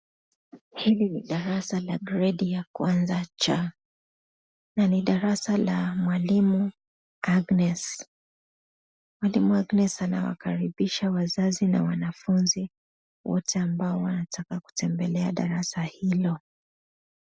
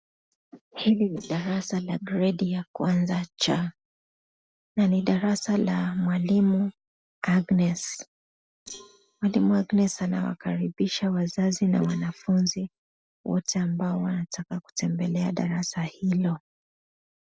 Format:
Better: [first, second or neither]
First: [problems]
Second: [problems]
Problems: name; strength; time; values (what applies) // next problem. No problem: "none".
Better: first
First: none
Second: noise reduction (neural separator model SepFormer DNS4)